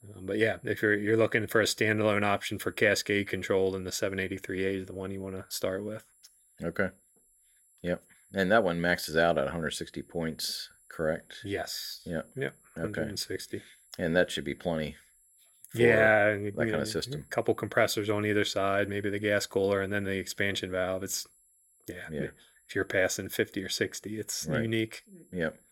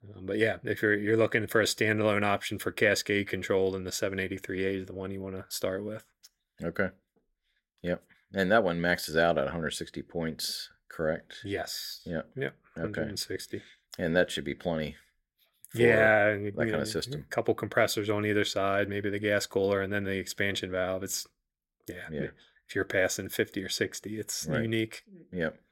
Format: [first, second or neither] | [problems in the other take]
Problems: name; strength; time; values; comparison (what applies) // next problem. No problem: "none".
second | high-pitched whine; faint; throughout; 10.5 kHz, 30 dB below the speech